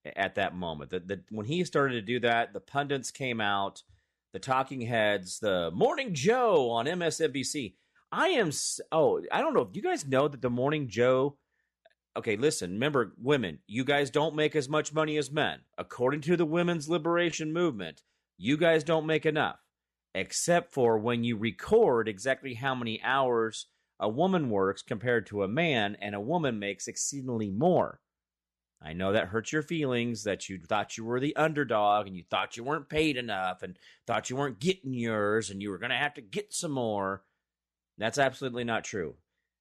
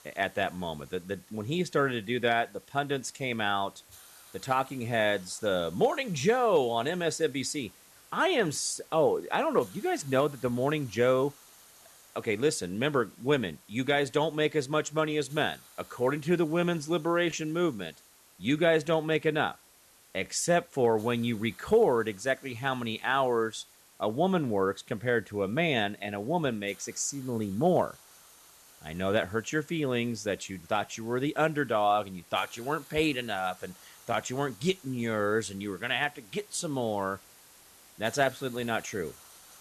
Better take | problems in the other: first | hiss; faint; throughout; 25 dB below the speech

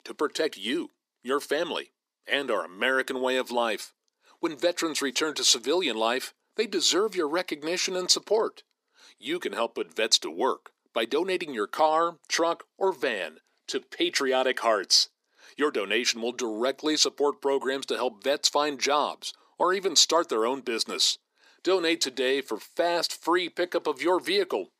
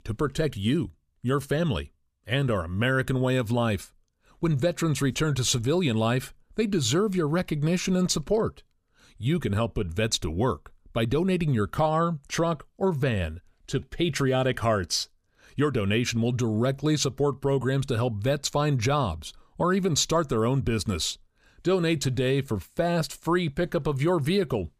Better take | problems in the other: second | thin; very; fading below 300 Hz

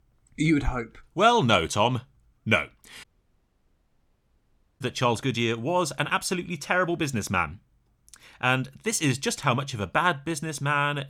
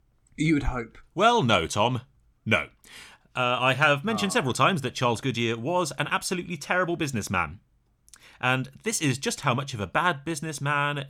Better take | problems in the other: second | audio cutting out; at 3 s for 2 s

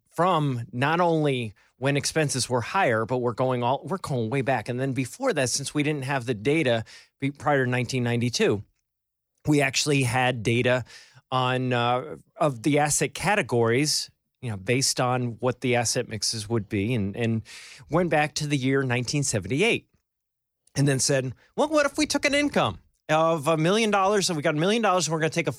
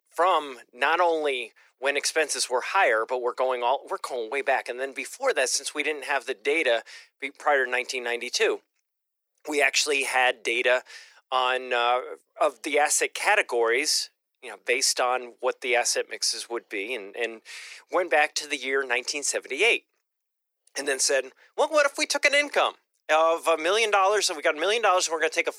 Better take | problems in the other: first | thin; very; fading below 400 Hz

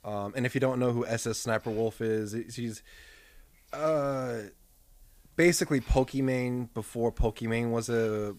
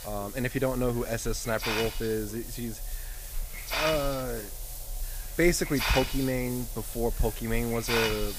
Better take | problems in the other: first | hiss; loud; throughout; 4 dB below the speech; faint in the first

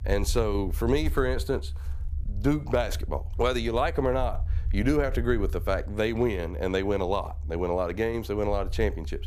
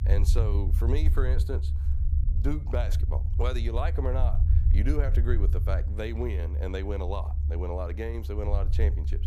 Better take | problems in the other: first | low rumble; loud; throughout; 10 dB below the speech; faint in the first

